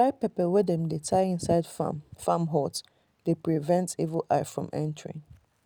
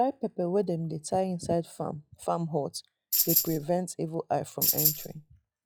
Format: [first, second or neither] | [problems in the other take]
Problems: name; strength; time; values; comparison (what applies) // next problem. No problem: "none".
first | noise reduction (classical method log-MMSE)